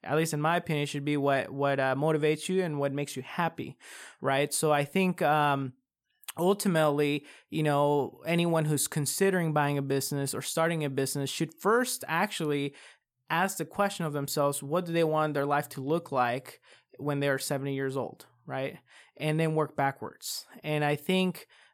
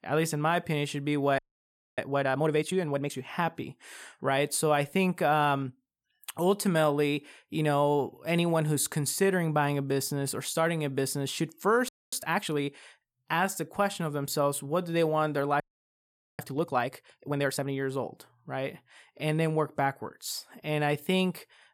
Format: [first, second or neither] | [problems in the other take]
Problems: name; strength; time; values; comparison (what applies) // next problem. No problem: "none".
first | audio freezing; at 1.5 s for 0.5 s, at 12 s and at 16 s for 1 s